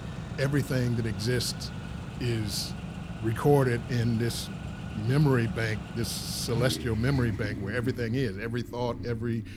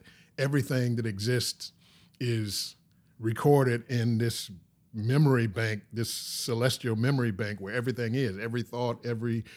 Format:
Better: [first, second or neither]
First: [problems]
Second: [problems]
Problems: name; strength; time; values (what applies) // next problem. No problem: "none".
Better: second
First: traffic noise; loud; throughout; 9 dB below the speech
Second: none